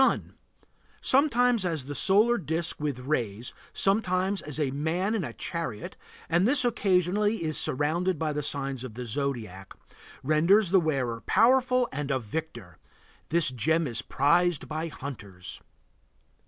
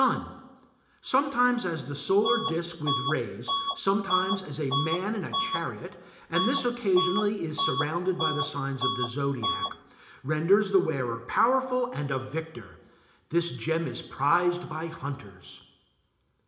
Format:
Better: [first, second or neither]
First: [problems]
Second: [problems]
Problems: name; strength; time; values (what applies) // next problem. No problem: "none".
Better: first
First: none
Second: background sound (Bus / Alarm); 3 dB below the speech // room echo; dies away in 0.8 s